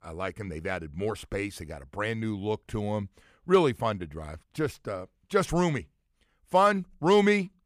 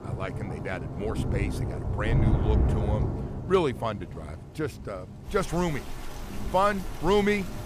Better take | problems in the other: first | rain or running water; loud; throughout; 2 dB below the speech

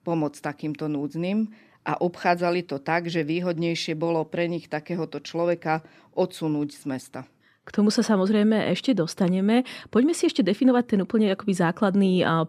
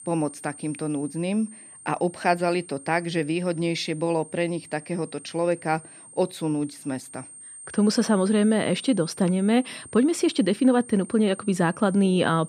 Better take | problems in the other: first | high-pitched whine; noticeable; throughout; 8.5 kHz, 15 dB below the speech

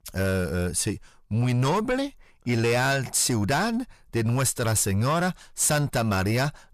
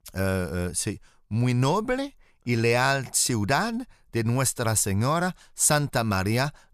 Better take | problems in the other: second | distortion; slight; 10 dB below the speech

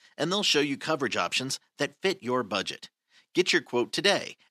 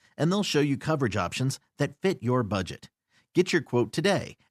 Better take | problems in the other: second | thin; somewhat; fading below 300 Hz

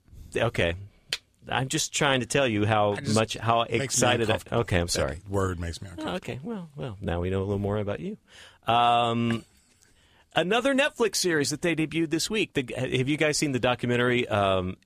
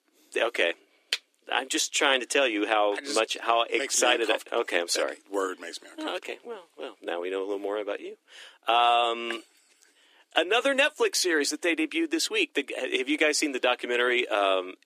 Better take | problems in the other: first | thin; somewhat; fading below 300 Hz

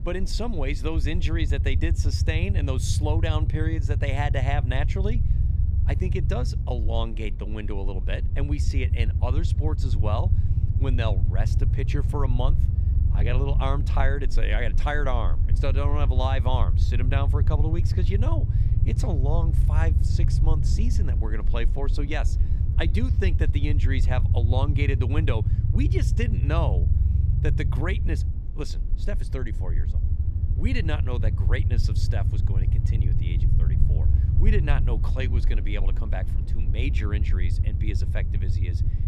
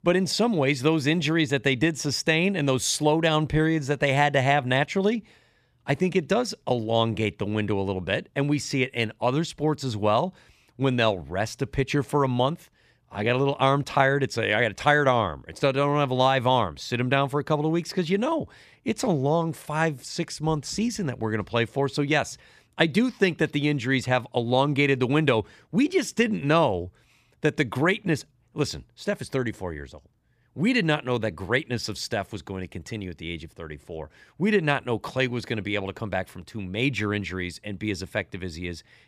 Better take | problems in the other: second | low rumble; loud; throughout; 7 dB below the speech

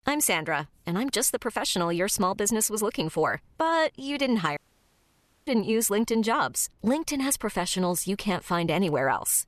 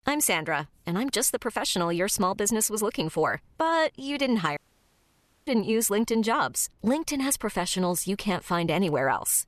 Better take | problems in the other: neither | audio cutting out; at 4.5 s for 1 s; the same in both

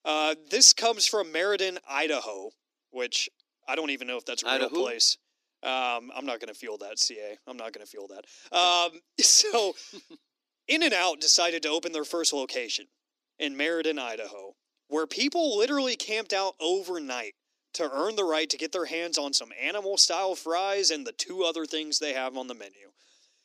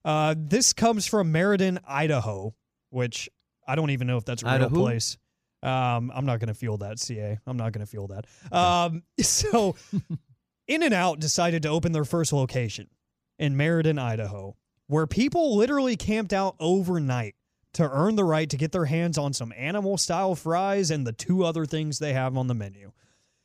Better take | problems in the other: second | thin; somewhat; fading below 300 Hz

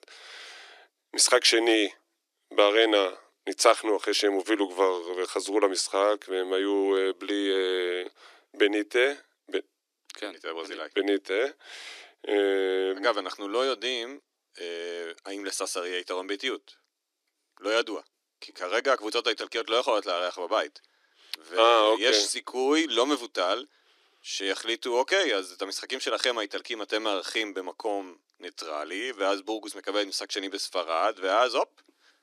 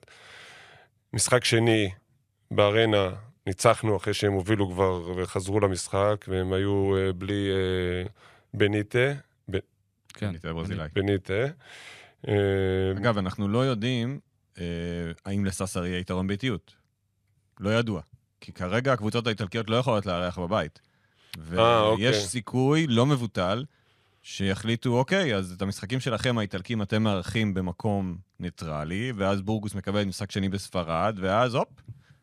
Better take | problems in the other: second | thin; somewhat; fading below 300 Hz

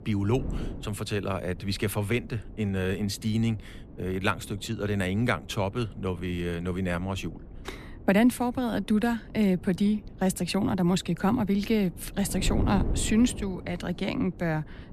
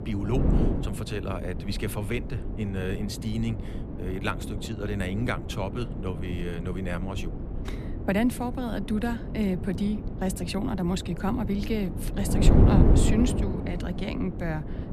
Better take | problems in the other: first | wind noise on the microphone; heavy; 3 dB below the speech; occasional gusts in the first

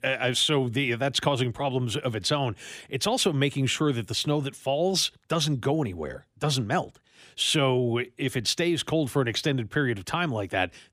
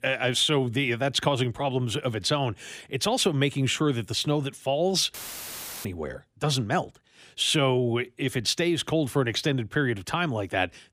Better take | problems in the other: first | audio cutting out; filled with static; at 5 s for 0.5 s

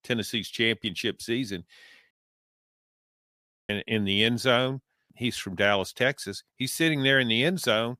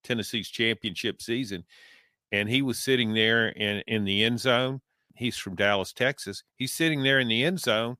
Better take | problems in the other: second | audio cutting out; at 2 s for 1.5 s

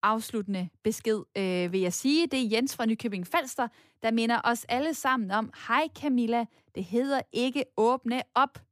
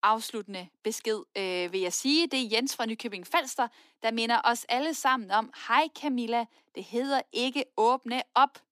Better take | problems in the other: first | thin; very slightly; fading below 250 Hz

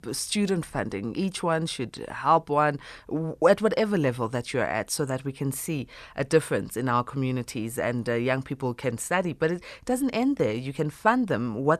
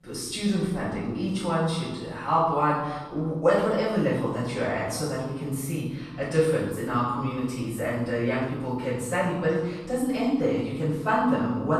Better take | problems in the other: first | room echo; noticeable; dies away in 1.1 s // off-mic speech; far

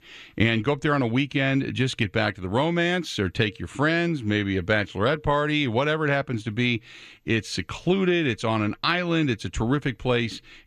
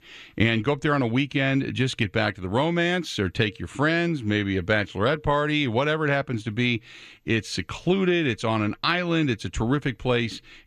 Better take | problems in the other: neither | none

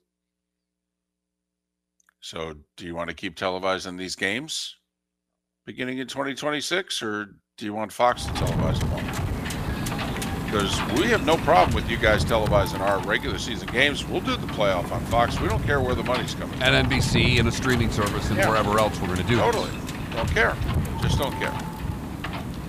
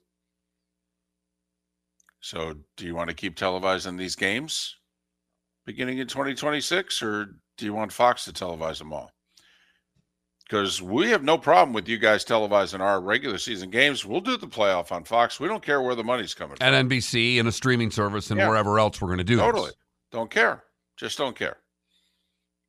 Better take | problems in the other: second | wind noise on the microphone; heavy; from 8 s on; 8 dB below the speech

